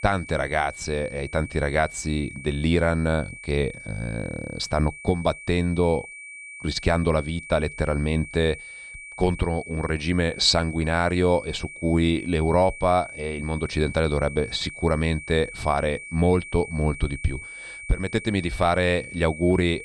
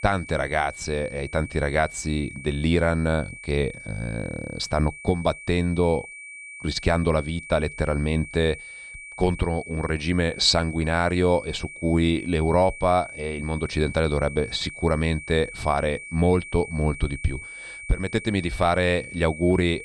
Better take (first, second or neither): neither